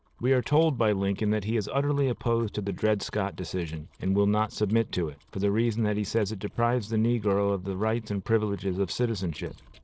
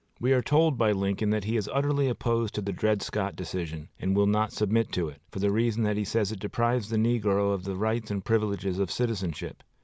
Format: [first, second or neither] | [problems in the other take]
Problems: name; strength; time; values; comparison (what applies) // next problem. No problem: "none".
second | noise reduction (neural separator model SepFormer DNS4)